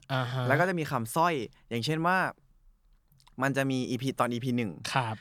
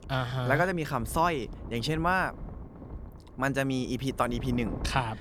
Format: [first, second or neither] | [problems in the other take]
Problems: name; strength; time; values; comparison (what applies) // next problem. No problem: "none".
first | wind noise on the microphone; occasional gusts; 20 dB below the speech